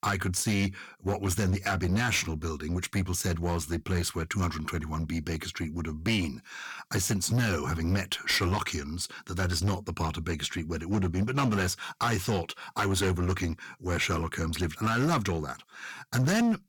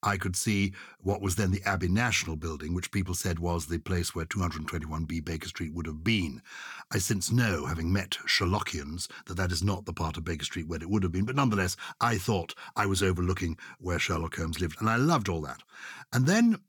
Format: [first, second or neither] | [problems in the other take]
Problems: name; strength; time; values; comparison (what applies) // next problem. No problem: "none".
second | distortion; slight; 9% of the sound clipped